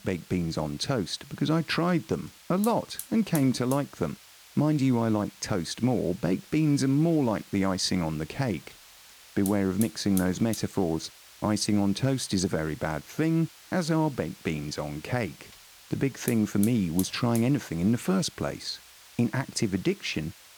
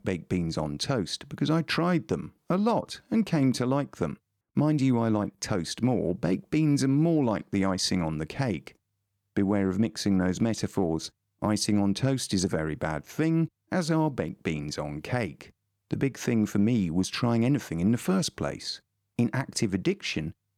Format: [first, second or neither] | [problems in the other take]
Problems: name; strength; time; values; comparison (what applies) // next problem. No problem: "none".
second | hiss; noticeable; throughout; 15 dB below the speech